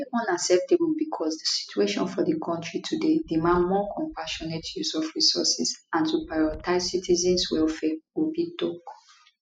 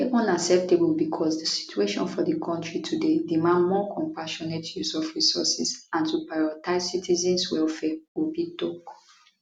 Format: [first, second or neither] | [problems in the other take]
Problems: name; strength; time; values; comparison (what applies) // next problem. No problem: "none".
second | noise reduction (classical method spectral subtraction)